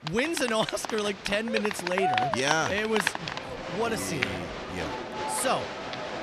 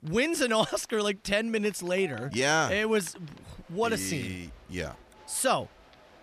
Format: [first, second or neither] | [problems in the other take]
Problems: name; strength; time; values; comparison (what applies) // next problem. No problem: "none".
second | crowd noise; loud; throughout; 3 dB below the speech; faint in the second